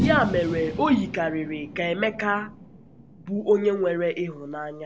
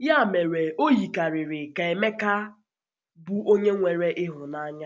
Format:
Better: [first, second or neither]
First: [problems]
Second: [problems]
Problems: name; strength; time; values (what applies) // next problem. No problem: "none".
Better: second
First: background sound (Fireworks); 9 dB below the speech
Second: none